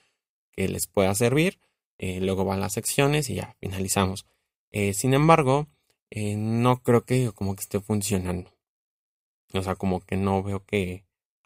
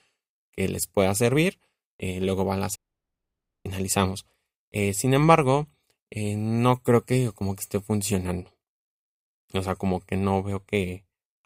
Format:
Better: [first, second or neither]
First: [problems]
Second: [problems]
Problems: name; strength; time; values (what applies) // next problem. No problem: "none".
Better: first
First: none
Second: audio cutting out; at 3 s for 1 s